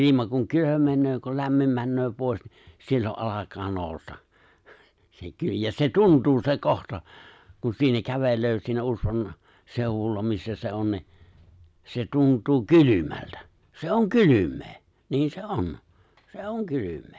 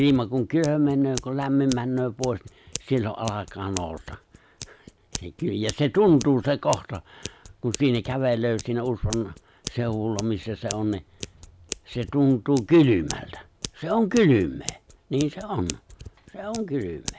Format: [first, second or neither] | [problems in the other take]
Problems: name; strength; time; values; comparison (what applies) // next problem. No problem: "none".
first | background sound (Scissors); 16 dB below the speech